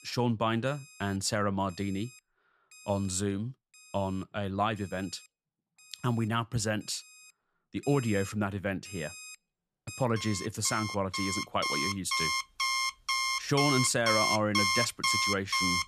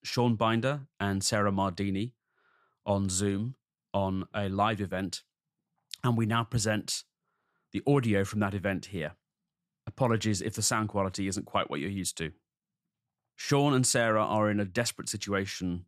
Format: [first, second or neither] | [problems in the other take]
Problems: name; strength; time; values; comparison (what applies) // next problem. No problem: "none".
second | alarms or sirens; very loud; throughout; 2 dB above the speech